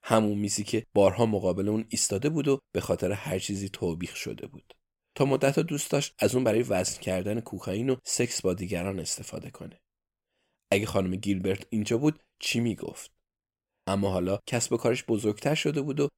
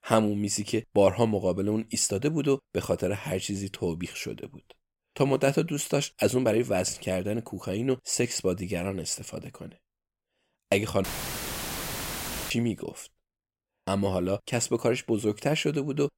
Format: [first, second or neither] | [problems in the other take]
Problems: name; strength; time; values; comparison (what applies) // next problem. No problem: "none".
first | audio cutting out; filled with static; at 11 s for 1.5 s